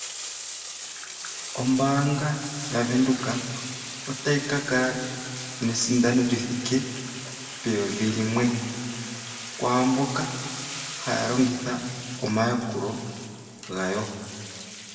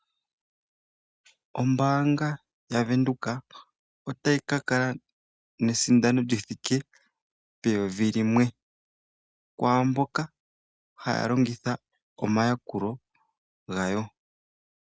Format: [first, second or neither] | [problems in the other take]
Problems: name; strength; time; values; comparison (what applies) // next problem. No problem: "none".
second | background sound (Bathtub (filling or washing)); 10 dB below the speech // room echo; dies away in 2 s